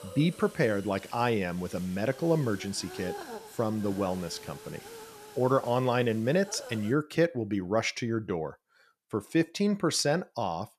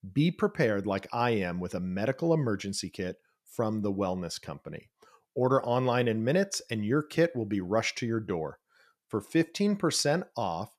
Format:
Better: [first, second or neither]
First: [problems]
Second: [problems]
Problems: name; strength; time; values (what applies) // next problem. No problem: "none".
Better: second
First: hiss; noticeable; until 7 s; 15 dB below the speech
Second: none